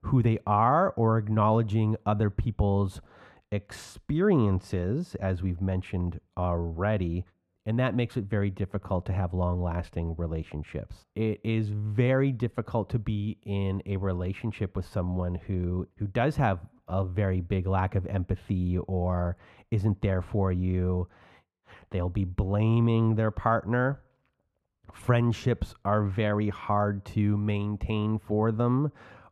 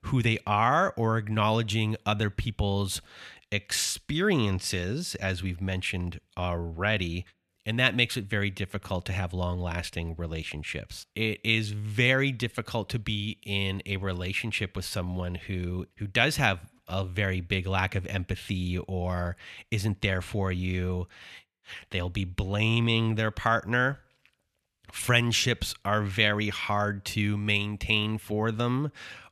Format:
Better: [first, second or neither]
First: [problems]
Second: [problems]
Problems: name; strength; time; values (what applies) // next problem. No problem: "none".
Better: second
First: muffled; very; fading above 1.5 kHz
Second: none